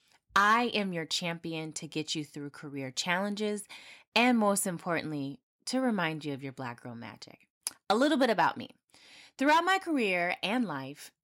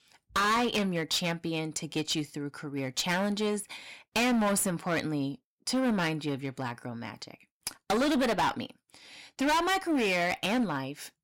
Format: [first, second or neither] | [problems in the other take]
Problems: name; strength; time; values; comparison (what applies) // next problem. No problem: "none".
first | distortion; heavy; 12% of the sound clipped